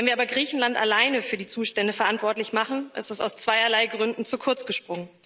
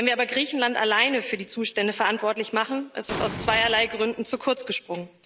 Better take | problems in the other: first | background sound (Explosion); 12 dB below the speech

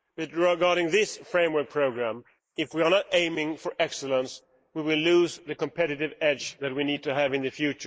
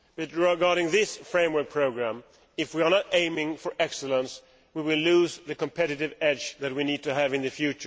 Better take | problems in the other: second | noise reduction (neural mask model Resemble Enhance denoiser)

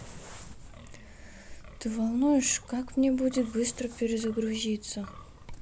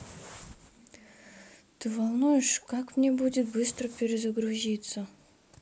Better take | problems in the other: second | background sound (Wind); 16 dB below the speech

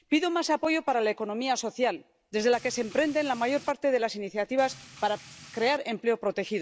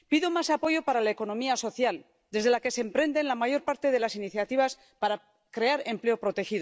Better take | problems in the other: second | background sound (Rain); 20 dB below the speech

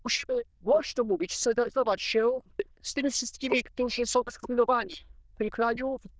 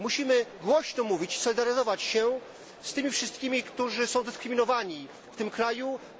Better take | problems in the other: second | noise reduction (neural diffusion model UNIVERSE++)

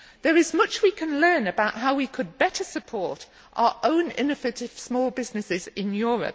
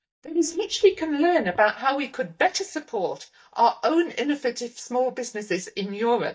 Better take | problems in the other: first | noise reduction (neural mask model DeepFilterNet 3)

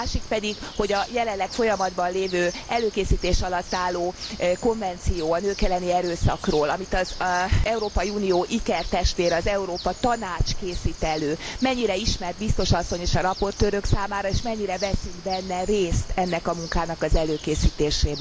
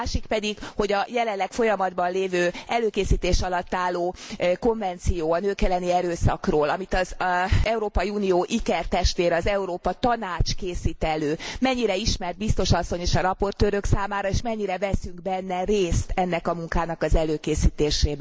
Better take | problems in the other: second | background sound (Bird); 15 dB below the speech

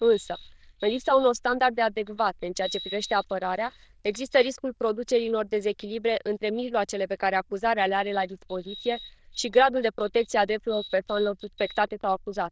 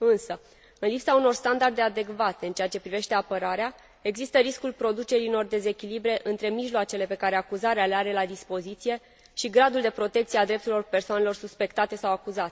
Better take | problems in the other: second | noise reduction (neural diffusion model UNIVERSE++)

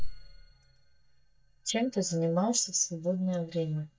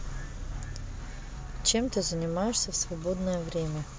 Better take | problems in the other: second | noise reduction (neural mask model DeepFilterNet 3)

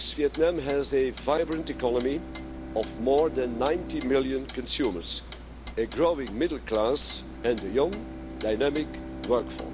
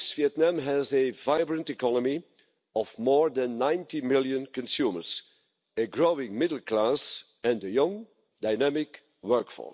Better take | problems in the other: second | background sound (Clock + Bowed string instrument); 11 dB below the speech

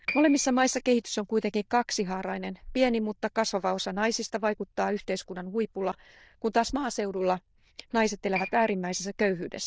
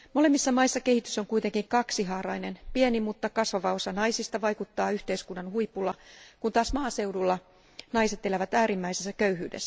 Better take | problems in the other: second | noise reduction (neural diffusion model UNIVERSE++)

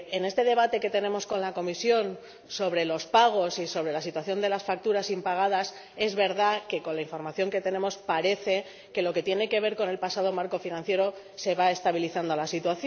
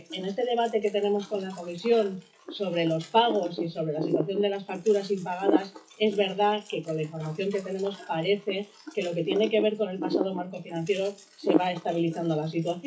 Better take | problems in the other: first | noise reduction (classical method WPE with log-MMSE)

